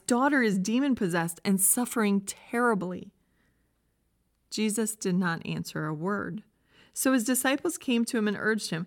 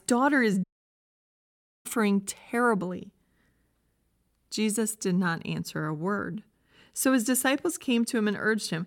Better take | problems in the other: first | audio cutting out; at 0.5 s for 1 s

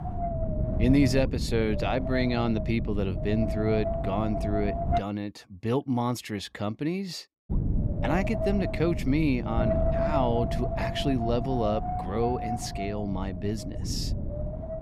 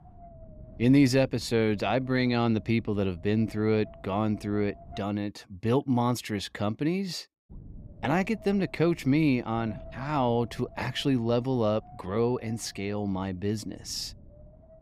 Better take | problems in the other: second | wind noise on the microphone; heavy; until 5 s and from 7.5 s on; 2 dB below the speech; occasional gusts in the second

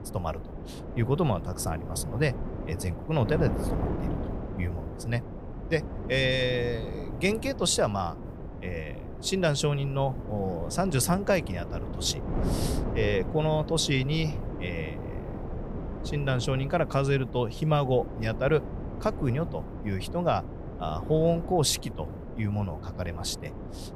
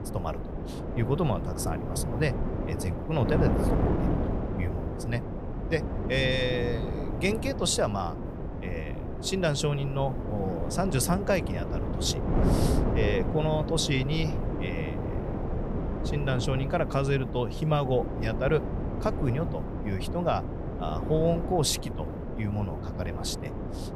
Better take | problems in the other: first | wind noise on the microphone; heavy; 6 dB below the speech; occasional gusts in the first

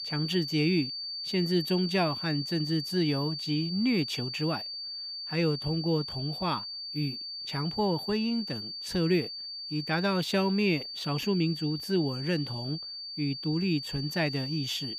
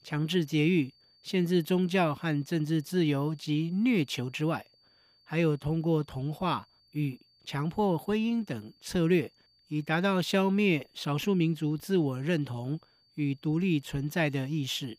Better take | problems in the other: second | high-pitched whine; loud; throughout; 4.5 kHz, 5 dB below the speech; faint in the second

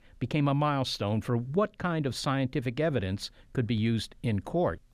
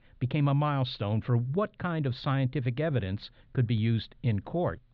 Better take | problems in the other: first | muffled; very slightly; fading above 4 kHz

